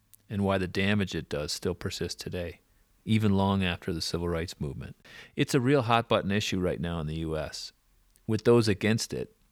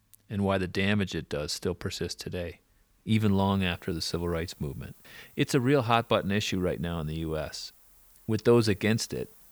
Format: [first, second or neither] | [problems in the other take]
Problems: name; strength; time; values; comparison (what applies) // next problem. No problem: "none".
first | hiss; faint; from 3 s on; 25 dB below the speech